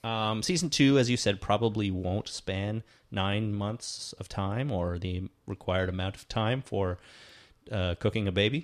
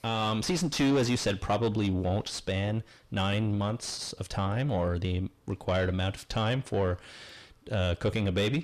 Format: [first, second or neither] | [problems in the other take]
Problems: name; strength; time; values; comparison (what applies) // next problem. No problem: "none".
first | distortion; heavy; 7 dB below the speech